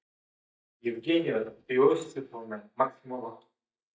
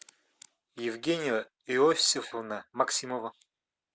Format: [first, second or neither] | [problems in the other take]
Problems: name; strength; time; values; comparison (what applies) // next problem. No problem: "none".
second | noise reduction (neural mask model DeepFilterNet 3)